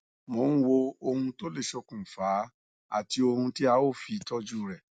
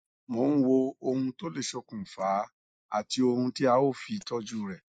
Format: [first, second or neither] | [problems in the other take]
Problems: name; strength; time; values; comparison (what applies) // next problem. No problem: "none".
first | noise reduction (neural mask model Resemble Enhance denoiser)